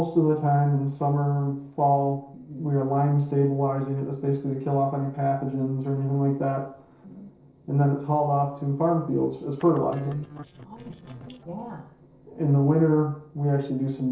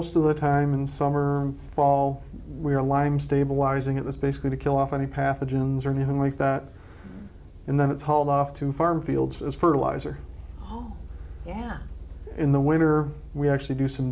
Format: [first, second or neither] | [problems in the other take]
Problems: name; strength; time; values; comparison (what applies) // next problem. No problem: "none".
second | noise reduction (neural separator model SepFormer DNS4)